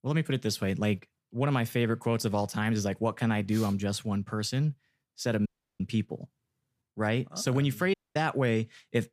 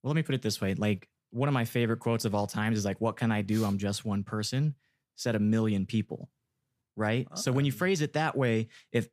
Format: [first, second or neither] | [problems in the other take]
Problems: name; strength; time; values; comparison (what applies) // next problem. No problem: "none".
second | audio cutting out; at 5.5 s and at 8 s